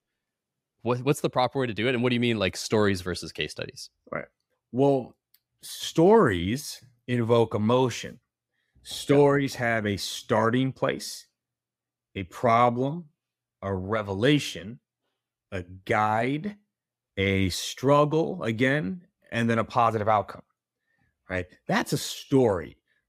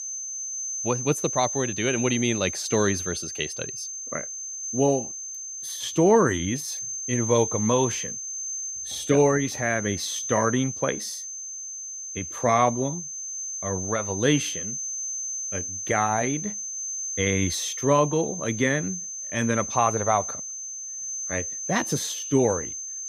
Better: first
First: none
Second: high-pitched whine; loud; throughout; 6 kHz, 5 dB below the speech

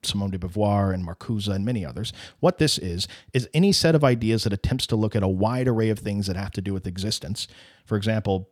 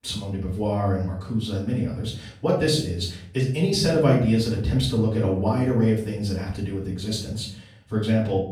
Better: first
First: none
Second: off-mic speech; far // room echo; noticeable; dies away in 0.5 s

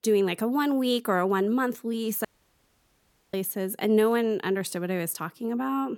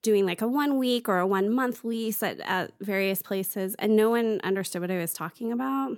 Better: second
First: audio cutting out; at 2.5 s for 1 s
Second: none

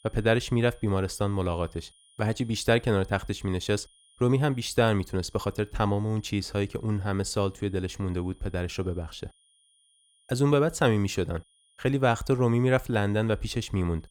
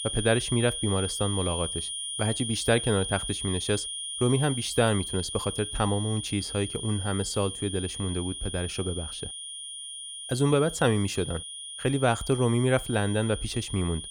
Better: first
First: high-pitched whine; faint; throughout; 3 kHz, 30 dB below the speech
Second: high-pitched whine; loud; throughout; 3 kHz, 6 dB below the speech

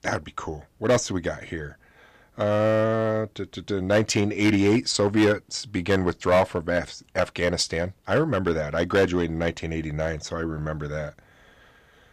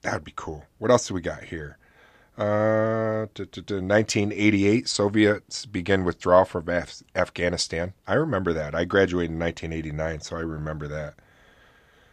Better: second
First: distortion; slight; 3% of the sound clipped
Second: none

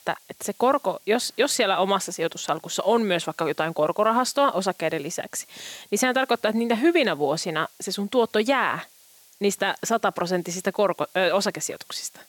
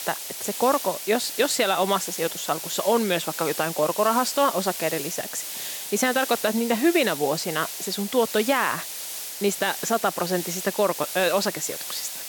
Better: first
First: hiss; faint; throughout; 25 dB below the speech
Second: hiss; loud; throughout; 7 dB below the speech

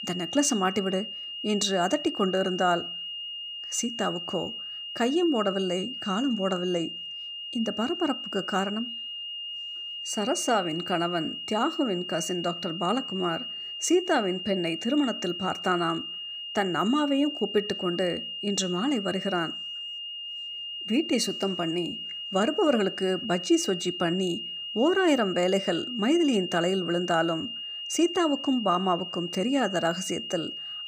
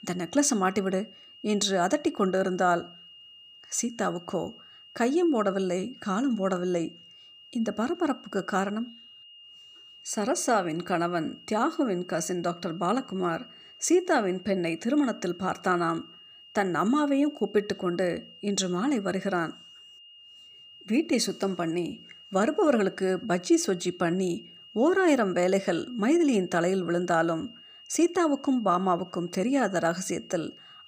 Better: second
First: high-pitched whine; loud; throughout; 3 kHz, 6 dB below the speech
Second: high-pitched whine; faint; throughout; 3 kHz, 20 dB below the speech

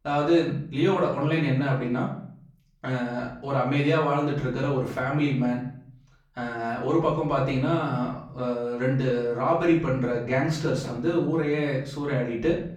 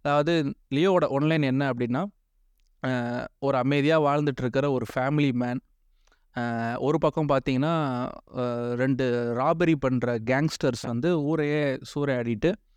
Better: second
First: off-mic speech; far // room echo; slight; dies away in 0.5 s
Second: none

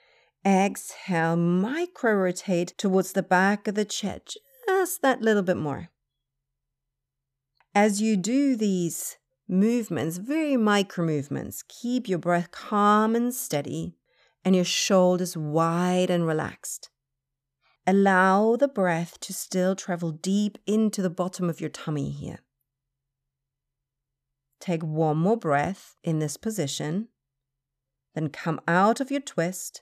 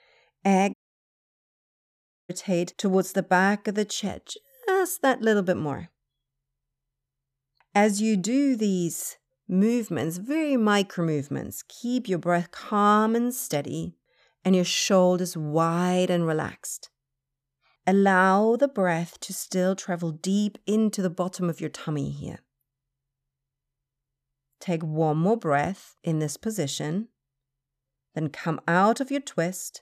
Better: first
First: none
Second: audio cutting out; at 0.5 s for 1.5 s

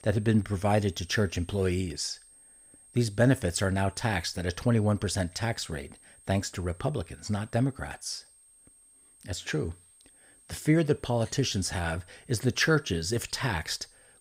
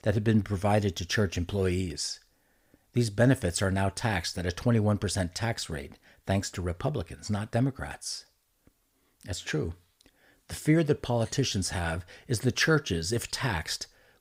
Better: second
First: high-pitched whine; faint; throughout; 8.5 kHz, 25 dB below the speech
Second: none

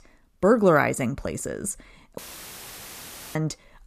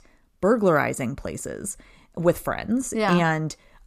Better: second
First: audio cutting out; filled with static; at 2 s for 1 s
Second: none

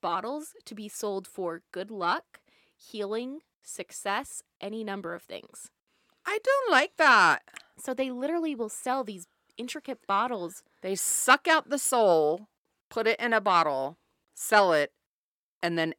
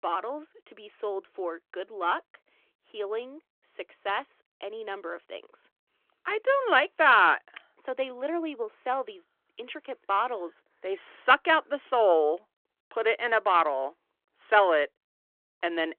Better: first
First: none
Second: phone-call audio

